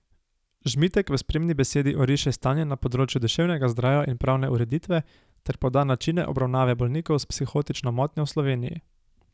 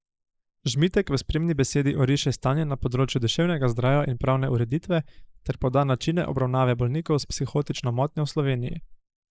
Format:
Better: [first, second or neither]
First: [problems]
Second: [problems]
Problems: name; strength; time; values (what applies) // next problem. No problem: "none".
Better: first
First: none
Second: noise reduction (neural mask model Resemble Enhance denoiser)